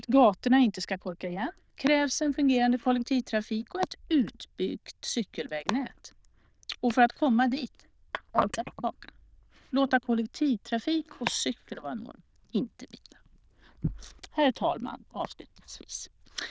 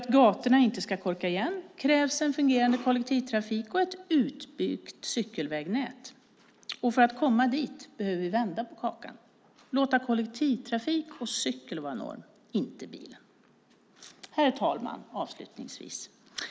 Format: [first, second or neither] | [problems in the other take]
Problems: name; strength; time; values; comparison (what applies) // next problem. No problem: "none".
second | noise reduction (neural diffusion model UNIVERSE++)